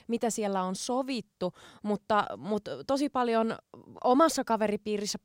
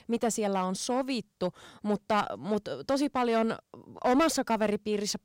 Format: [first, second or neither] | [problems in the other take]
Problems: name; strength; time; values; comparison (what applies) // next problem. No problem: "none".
first | distortion; slight; 4% of the sound clipped